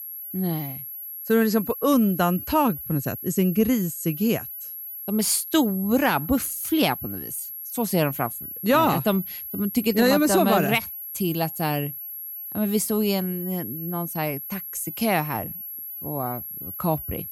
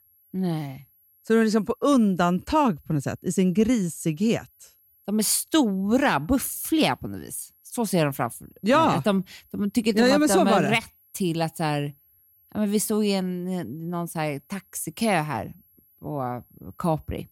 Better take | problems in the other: second | high-pitched whine; loud; throughout; 11.5 kHz, 9 dB below the speech; faint in the second

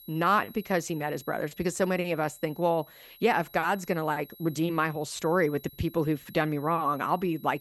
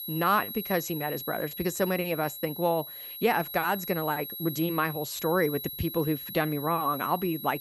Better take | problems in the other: first | high-pitched whine; loud; throughout; 11.5 kHz, 8 dB below the speech; faint in the first

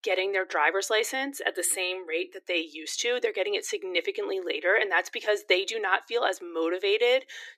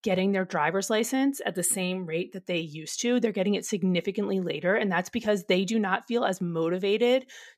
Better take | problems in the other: second | thin; very; fading below 300 Hz

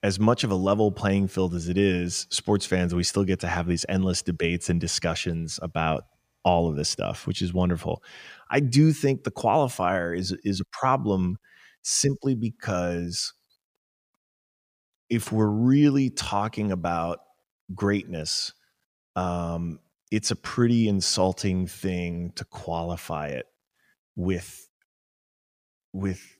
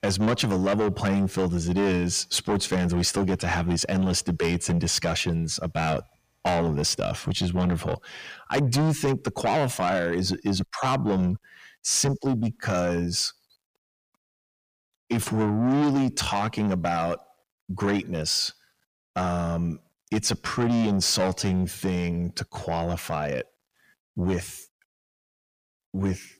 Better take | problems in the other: first | distortion; heavy; 6 dB below the speech

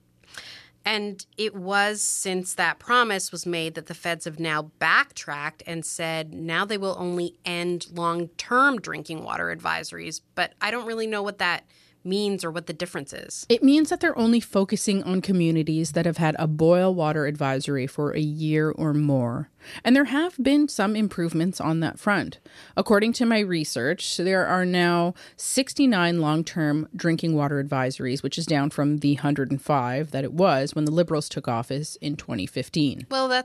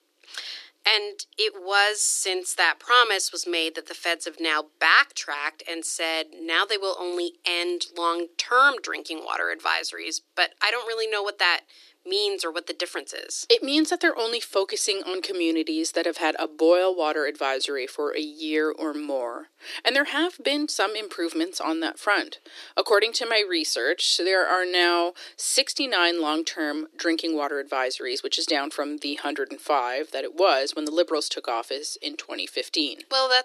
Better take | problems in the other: first | thin; very; fading below 300 Hz

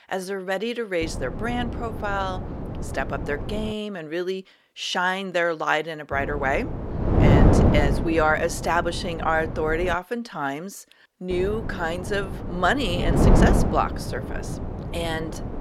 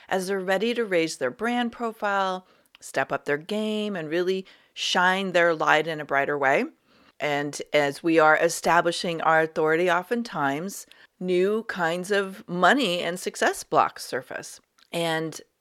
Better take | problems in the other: second | wind noise on the microphone; heavy; from 1 to 3.5 s, from 6 to 10 s and from 11 s on; 5 dB below the speech

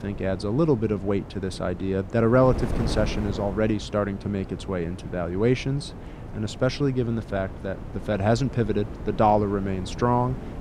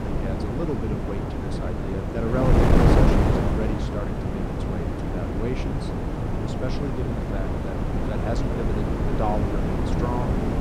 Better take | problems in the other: first | wind noise on the microphone; heavy; 4 dB above the speech; occasional gusts in the first

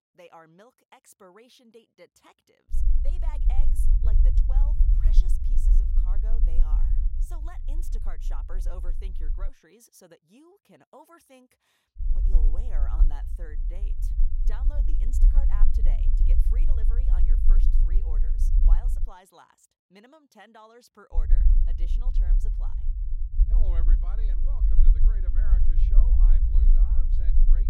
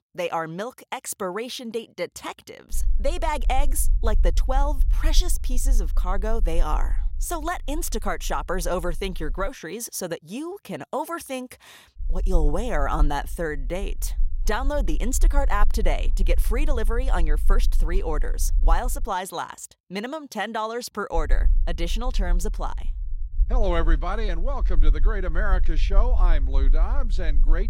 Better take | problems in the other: second | low rumble; loud; from 2.5 to 9.5 s, from 12 to 19 s and from 21 s on; as loud as the speech; faint in the second

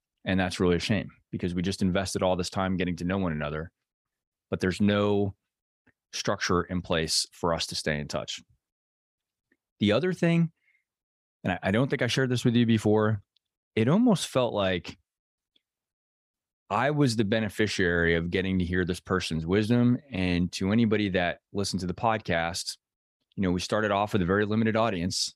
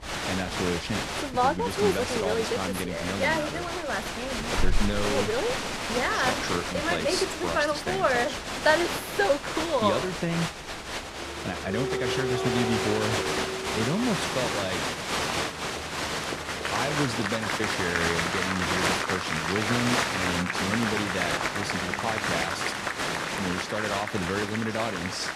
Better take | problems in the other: first | crowd noise; very loud; throughout; 4 dB above the speech

